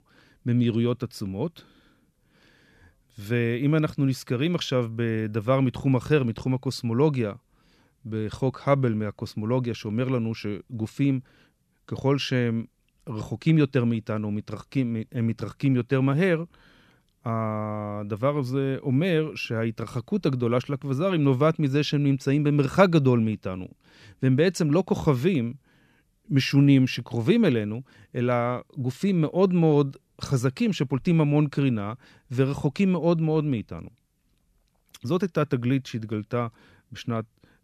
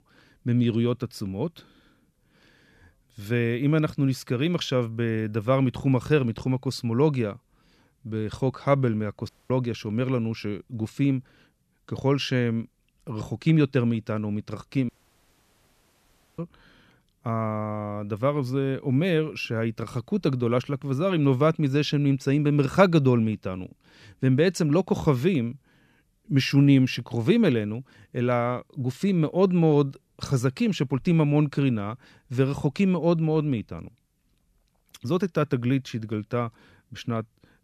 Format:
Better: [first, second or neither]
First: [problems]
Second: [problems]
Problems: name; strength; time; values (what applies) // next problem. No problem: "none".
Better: first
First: none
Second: audio cutting out; at 9.5 s and at 15 s for 1.5 s